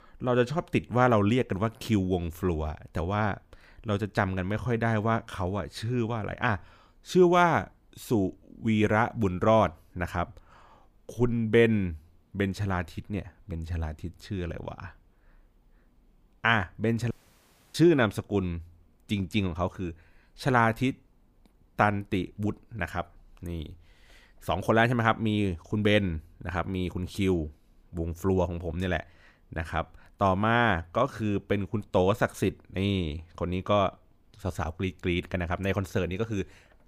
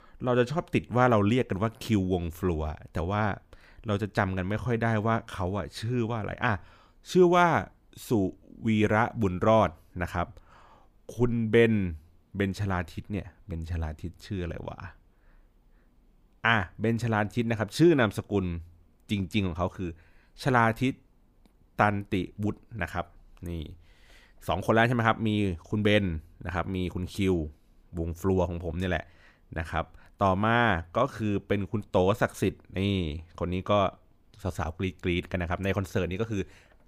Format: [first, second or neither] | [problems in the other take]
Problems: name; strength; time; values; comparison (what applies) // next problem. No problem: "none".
second | audio cutting out; at 17 s for 0.5 s